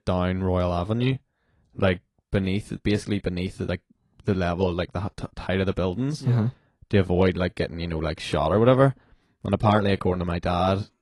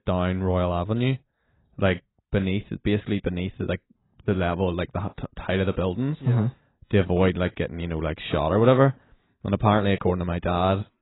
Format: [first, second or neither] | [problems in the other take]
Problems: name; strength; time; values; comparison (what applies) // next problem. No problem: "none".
first | garbled, watery; badly; nothing above 4 kHz; slightly in the first